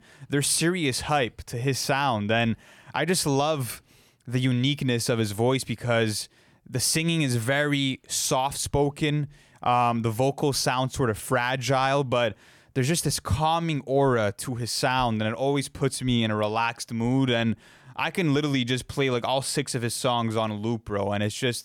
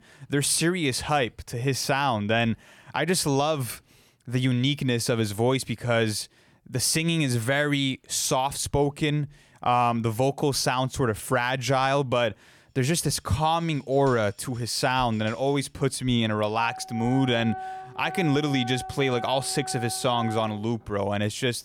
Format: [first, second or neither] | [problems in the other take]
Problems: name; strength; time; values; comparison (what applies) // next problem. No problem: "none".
first | background music; noticeable; from 13 s on; 15 dB below the speech